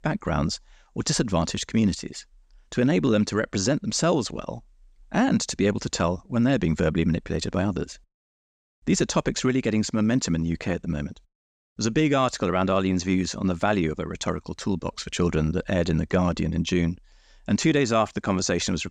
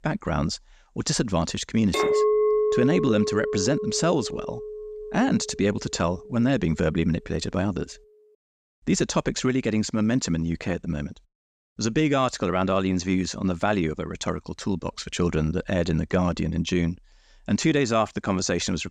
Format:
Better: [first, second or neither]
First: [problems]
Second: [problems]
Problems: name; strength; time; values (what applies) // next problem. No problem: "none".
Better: first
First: none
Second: clattering dishes; loud; from 2 to 5.5 s; peak 4 dB above the speech